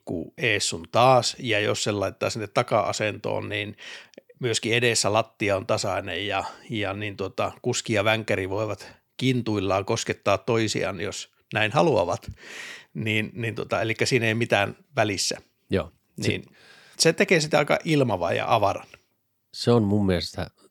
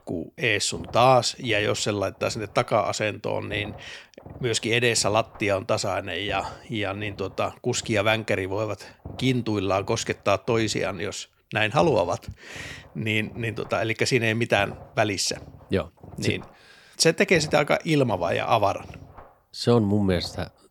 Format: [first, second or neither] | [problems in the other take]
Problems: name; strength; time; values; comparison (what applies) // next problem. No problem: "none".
first | low rumble; faint; throughout; 25 dB below the speech